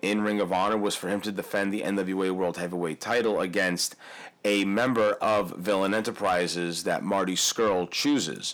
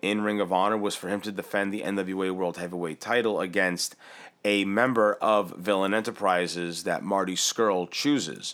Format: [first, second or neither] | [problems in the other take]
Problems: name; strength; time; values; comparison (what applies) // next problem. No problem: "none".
second | distortion; slight; 10 dB below the speech